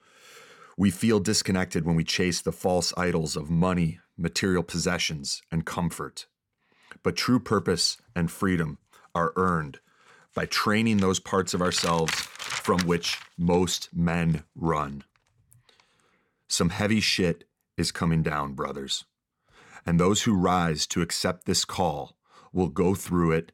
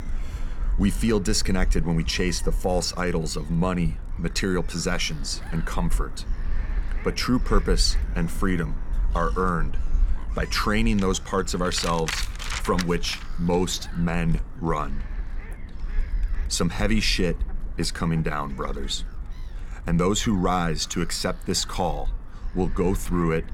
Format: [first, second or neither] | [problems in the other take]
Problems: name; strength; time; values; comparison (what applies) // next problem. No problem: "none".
first | animal sounds; loud; throughout; 8 dB below the speech